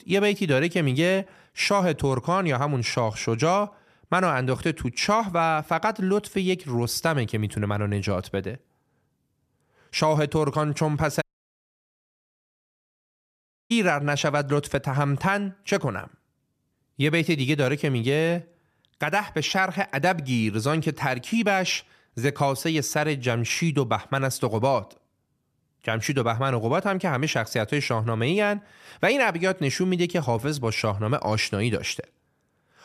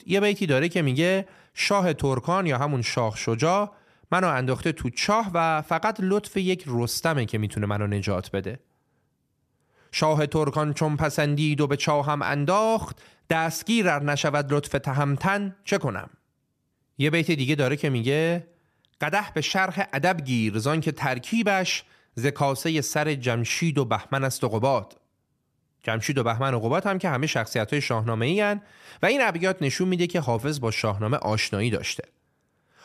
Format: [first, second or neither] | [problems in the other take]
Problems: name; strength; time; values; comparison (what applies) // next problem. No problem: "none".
second | audio cutting out; at 11 s for 2.5 s